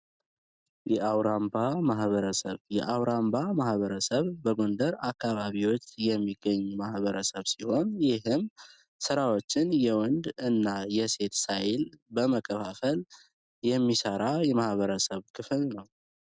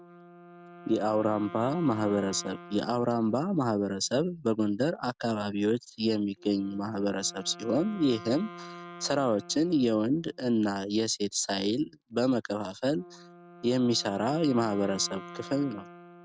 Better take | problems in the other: first | background sound (Wind instrument, woodwind instrument); 19 dB below the speech

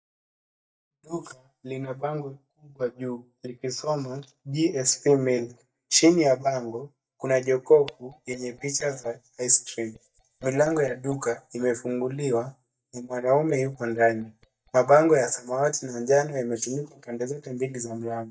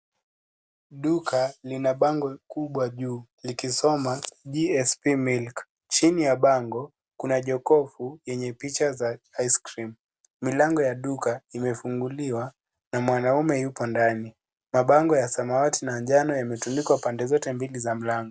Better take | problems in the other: second | noise reduction (neural mask model DeepFilterNet 3)

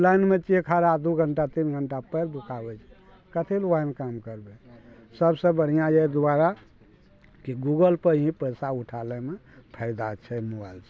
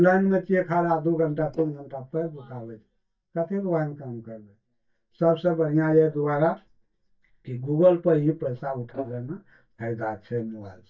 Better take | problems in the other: first | noise reduction (neural mask model DeepFilterNet 3)

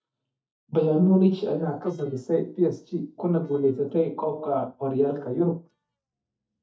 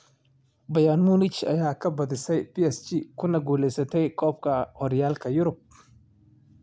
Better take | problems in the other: second | noise reduction (neural mask model DeepFilterNet 3)

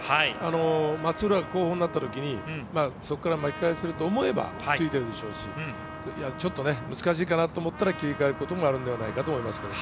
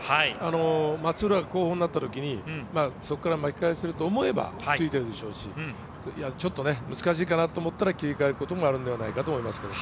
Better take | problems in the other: second | background sound (Trumpet); 14 dB below the speech

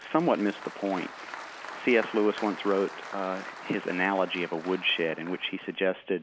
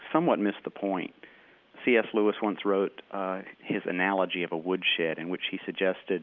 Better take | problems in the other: second | background sound (Applause); 14 dB below the speech

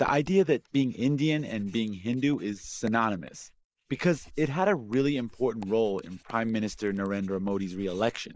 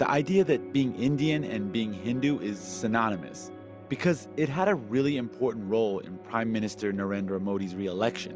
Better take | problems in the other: second | noise reduction (neural mask model Resemble Enhance denoiser)

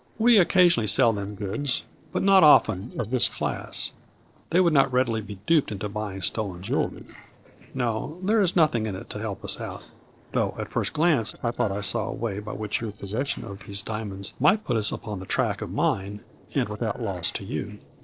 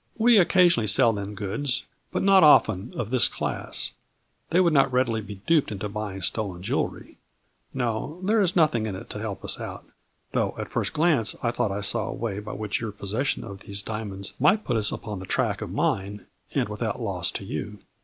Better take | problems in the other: second | noise reduction (neural separator model SepFormer DNS4)

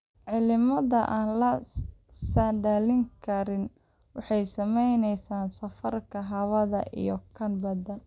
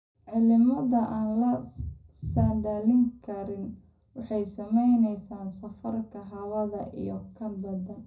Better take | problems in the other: first | room echo; dies away in 0.4 s

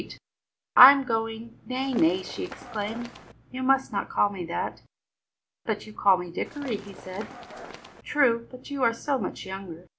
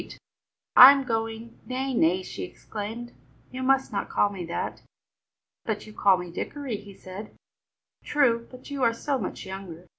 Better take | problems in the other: second | background sound (Run); 15 dB below the speech

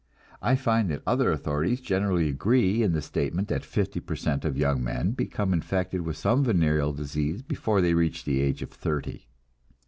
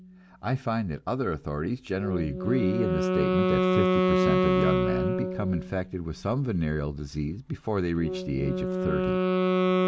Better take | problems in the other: first | background sound (Wind instrument, woodwind instrument); 2 dB above the speech

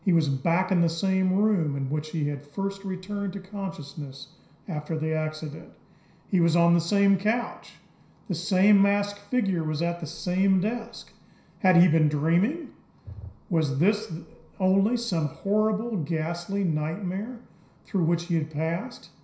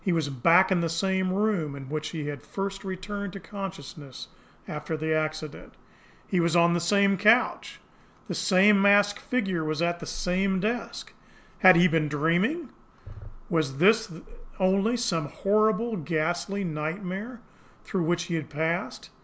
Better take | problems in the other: second | room echo; dies away in 0.5 s

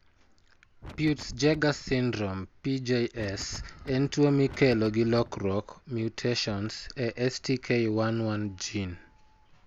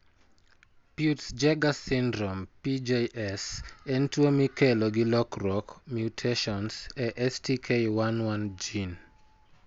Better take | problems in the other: second | background sound (Wind); 17 dB below the speech

